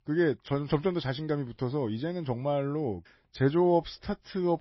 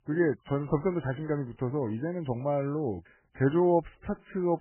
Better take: first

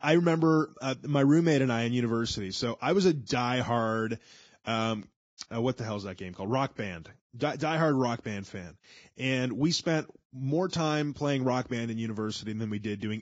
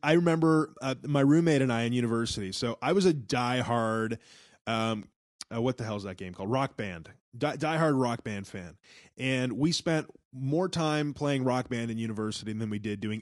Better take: second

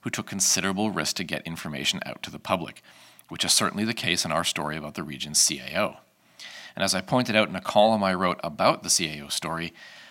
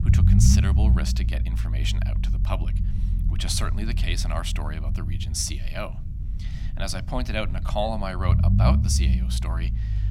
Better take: first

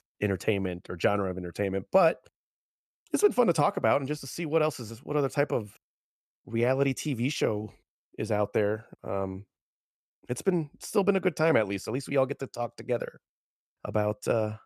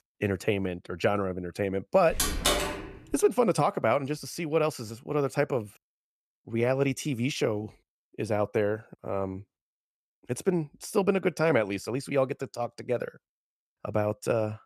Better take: first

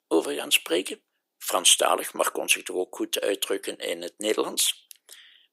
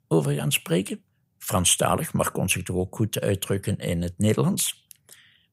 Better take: second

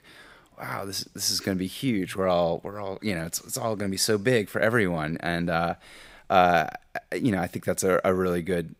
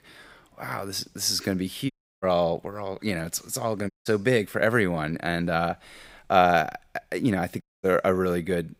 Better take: first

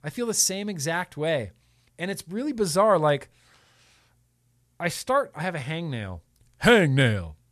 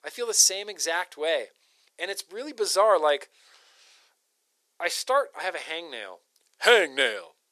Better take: first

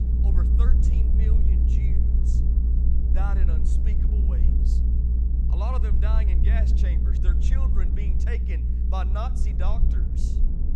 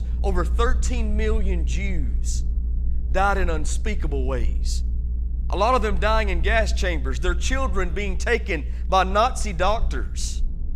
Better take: second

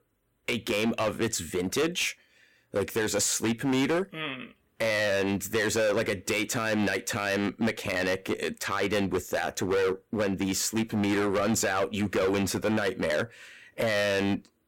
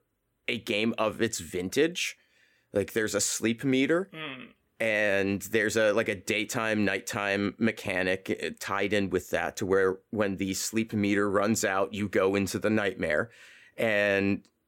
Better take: second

